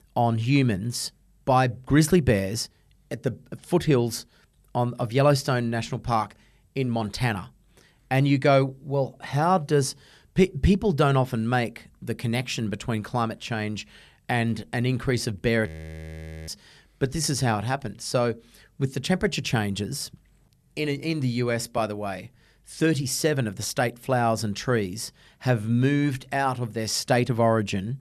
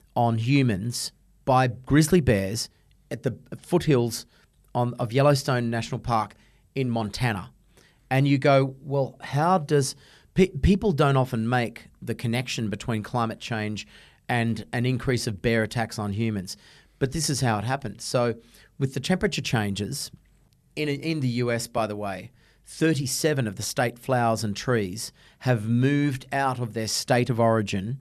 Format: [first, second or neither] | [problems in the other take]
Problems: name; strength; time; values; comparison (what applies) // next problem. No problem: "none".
second | audio freezing; at 16 s for 1 s